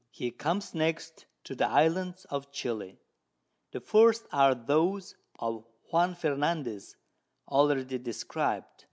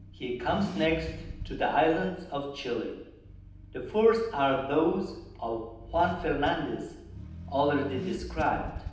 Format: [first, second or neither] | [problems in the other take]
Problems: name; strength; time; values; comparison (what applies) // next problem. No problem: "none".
first | background sound (Accelerating, revving, vroom / Car); 12 dB below the speech // room echo; dies away in 0.9 s